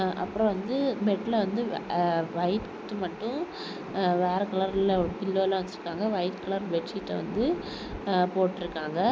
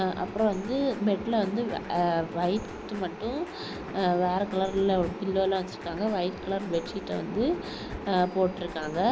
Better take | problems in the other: first | background sound (Drum kit); 20 dB below the speech

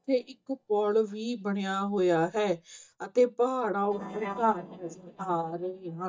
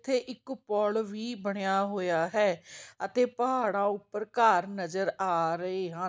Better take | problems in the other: second | noise reduction (neural mask model DeepFilterNet 3)

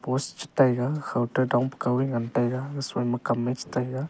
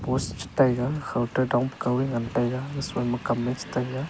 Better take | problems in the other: first | background sound (Train); 13 dB below the speech

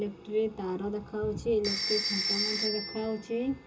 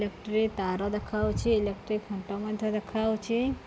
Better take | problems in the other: second | background sound (Telephone); 3 dB below the speech // room echo; dies away in 0.2 s

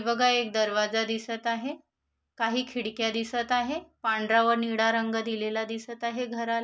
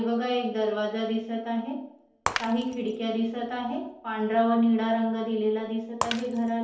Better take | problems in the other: first | background sound (Shatter); 12 dB below the speech // room echo; dies away in 2.2 s

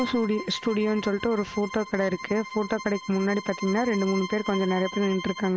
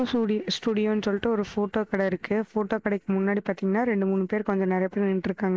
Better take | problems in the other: second | background sound (Bowed string instrument); 12 dB below the speech

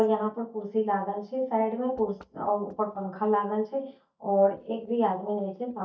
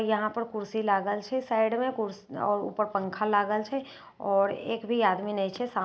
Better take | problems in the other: second | noise reduction (neural mask model DeepFilterNet 3)

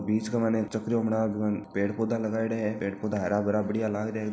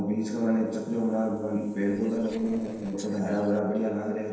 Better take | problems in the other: first | noise reduction (neural separator model SepFormer DNS4)

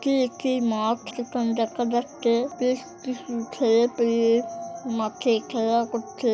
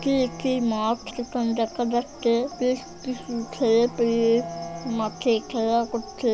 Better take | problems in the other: first | background sound (Insect + Bowed string instrument); 18 dB below the speech

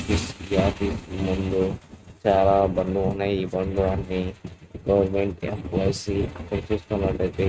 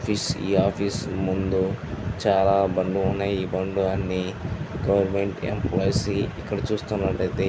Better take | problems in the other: second | noise reduction (neural mask model RNNoise)

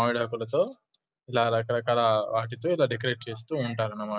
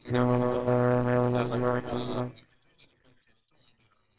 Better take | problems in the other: first | noise reduction (neural separator model SepFormer WHAMR!)

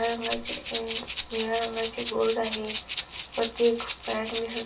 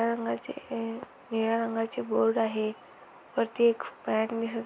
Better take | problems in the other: second | background sound (Rattle (instrument)); 7 dB below the speech // room echo; dies away in 0.2 s

